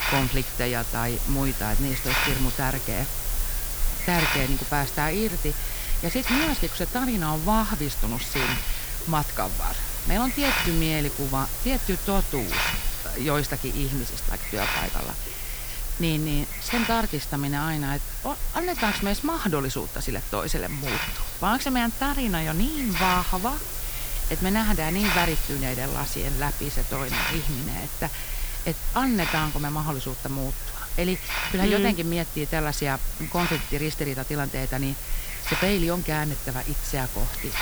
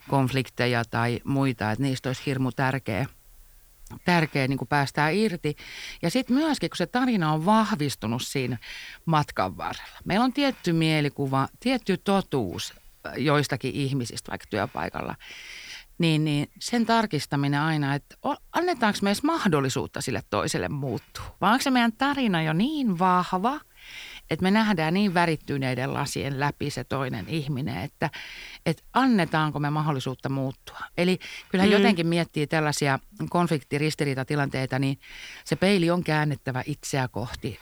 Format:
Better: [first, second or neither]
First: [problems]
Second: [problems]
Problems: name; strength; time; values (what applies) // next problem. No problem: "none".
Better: second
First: hiss; loud; throughout; as loud as the speech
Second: hiss; faint; throughout; 30 dB below the speech